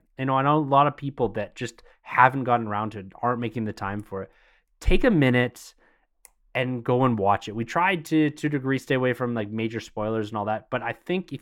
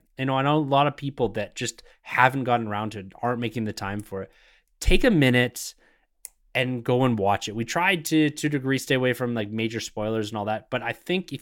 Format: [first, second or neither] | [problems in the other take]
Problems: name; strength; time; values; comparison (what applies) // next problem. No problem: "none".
second | muffled; slightly; fading above 3 kHz